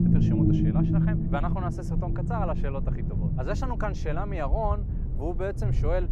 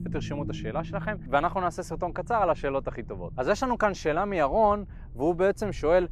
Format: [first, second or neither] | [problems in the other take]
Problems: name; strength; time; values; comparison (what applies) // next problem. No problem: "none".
second | low rumble; loud; throughout; 3 dB below the speech; faint in the second